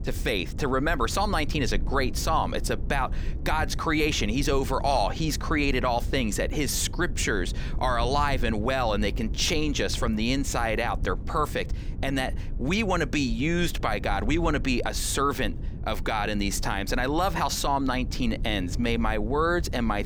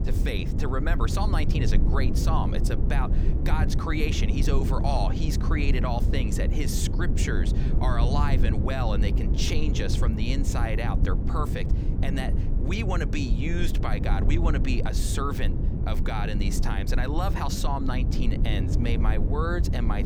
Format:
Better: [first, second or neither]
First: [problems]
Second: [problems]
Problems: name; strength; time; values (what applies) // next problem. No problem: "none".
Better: first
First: low rumble; faint; throughout; 20 dB below the speech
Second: low rumble; loud; throughout; 6 dB below the speech